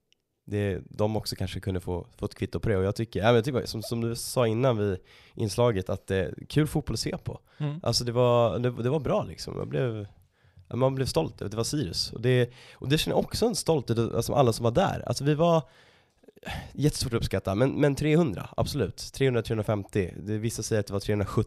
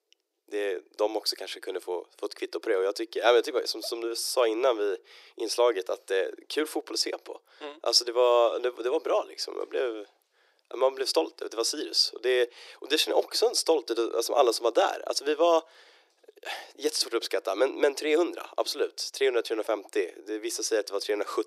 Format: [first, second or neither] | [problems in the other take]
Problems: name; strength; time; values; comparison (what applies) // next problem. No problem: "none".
first | thin; very; fading below 350 Hz